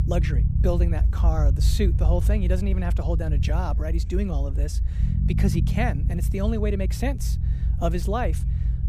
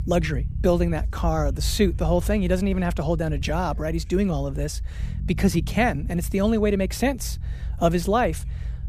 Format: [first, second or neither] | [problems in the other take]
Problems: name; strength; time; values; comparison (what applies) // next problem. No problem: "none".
second | low rumble; loud; throughout; 9 dB below the speech; faint in the second